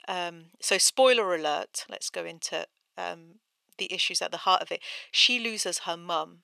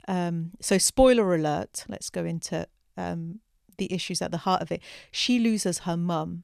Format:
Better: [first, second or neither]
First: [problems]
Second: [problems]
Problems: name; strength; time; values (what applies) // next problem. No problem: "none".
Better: second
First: thin; very; fading below 550 Hz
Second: none